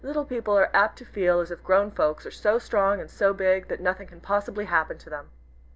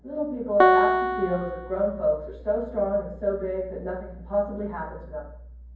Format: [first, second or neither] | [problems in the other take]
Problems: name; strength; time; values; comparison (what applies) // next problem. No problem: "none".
first | background sound (Piano); 2 dB above the speech // room echo; dies away in 0.9 s